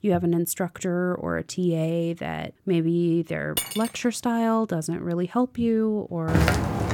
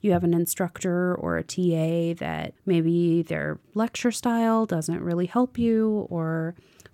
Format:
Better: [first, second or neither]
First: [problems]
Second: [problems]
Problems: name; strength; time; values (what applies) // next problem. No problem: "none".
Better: second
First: clattering dishes; noticeable; at 3.5 s; peak 2 dB below the speech // footsteps; loud; at 6.5 s; peak 4 dB above the speech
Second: none